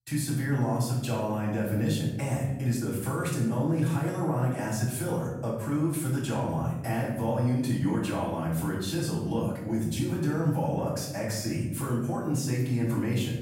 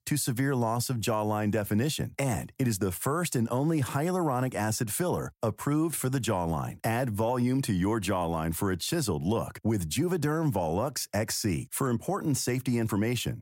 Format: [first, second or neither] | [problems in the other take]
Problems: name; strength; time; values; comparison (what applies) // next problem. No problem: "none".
second | off-mic speech; far // room echo; noticeable; dies away in 0.9 s